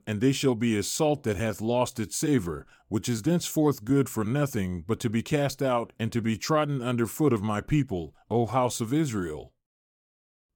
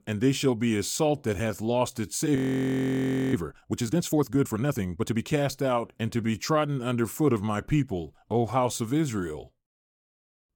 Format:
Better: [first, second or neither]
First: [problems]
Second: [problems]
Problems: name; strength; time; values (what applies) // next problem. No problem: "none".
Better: first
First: none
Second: audio freezing; at 2.5 s for 1 s